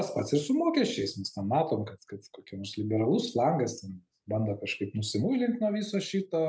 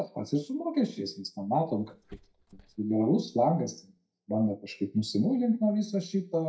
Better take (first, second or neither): first